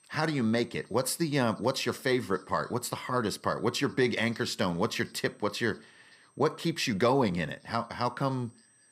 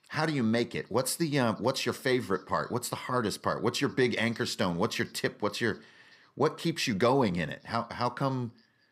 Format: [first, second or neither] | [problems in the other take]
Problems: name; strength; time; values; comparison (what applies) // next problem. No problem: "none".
second | high-pitched whine; faint; throughout; 8.5 kHz, 35 dB below the speech